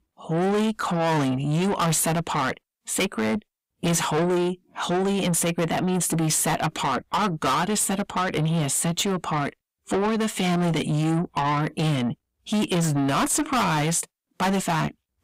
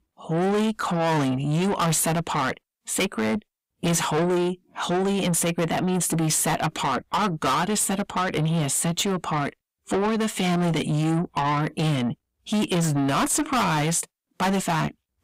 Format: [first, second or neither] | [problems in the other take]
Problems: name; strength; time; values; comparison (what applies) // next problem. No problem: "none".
neither | distortion; heavy; 6 dB below the speech; the same in both